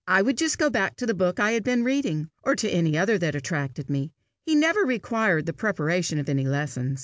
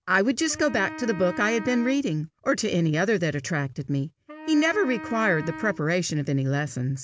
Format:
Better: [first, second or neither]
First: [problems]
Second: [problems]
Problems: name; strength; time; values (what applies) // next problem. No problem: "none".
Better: first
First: none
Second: background sound (Wind instrument, woodwind instrument); 14 dB below the speech